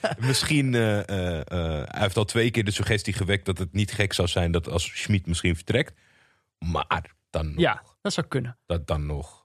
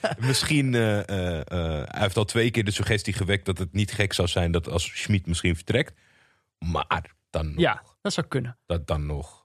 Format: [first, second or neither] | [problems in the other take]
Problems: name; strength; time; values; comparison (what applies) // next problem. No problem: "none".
neither | none